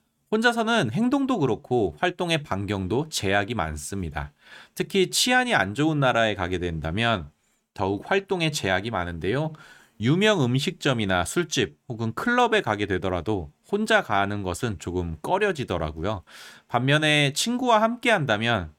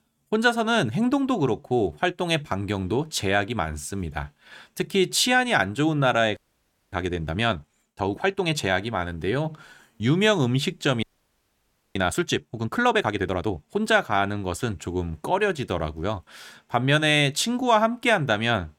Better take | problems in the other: first | audio freezing; at 6.5 s for 0.5 s and at 11 s for 1 s

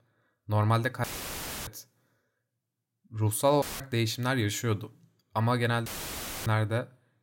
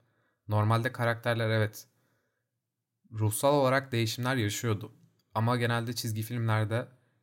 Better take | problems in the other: second | audio cutting out; filled with static; at 1 s for 0.5 s, at 3.5 s and at 6 s for 0.5 s

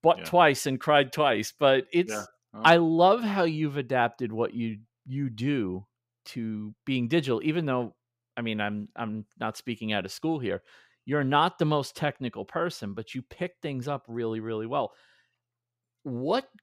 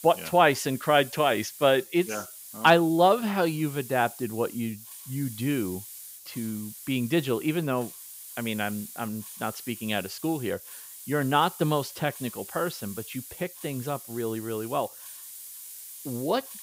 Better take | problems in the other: first | hiss; noticeable; throughout; 15 dB below the speech

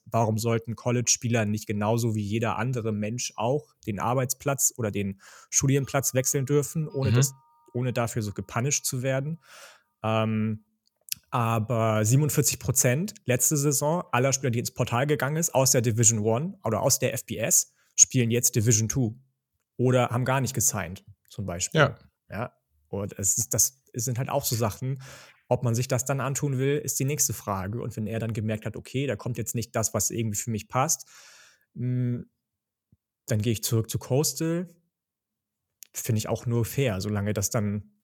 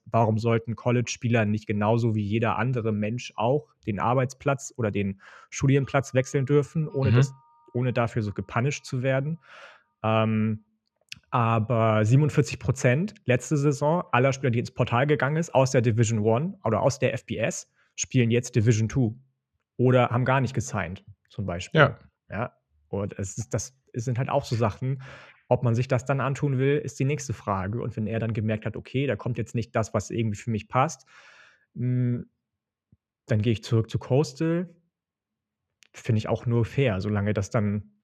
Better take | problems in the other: first | muffled; very; fading above 2.5 kHz

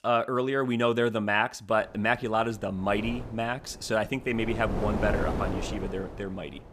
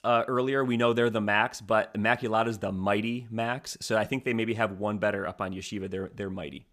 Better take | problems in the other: second | wind noise on the microphone; heavy; from 2 s on; 9 dB below the speech

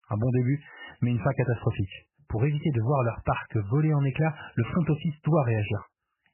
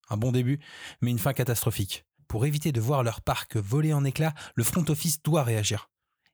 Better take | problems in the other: second | garbled, watery; badly; nothing above 3 kHz

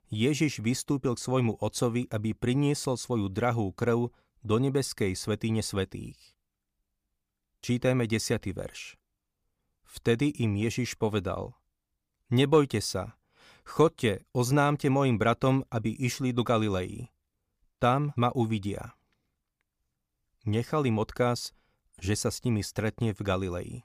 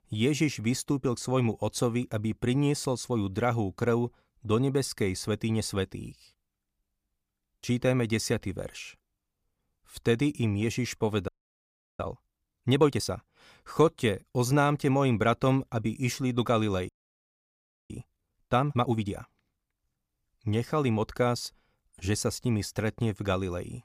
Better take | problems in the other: first | audio freezing; at 11 s for 0.5 s and at 17 s for 1 s

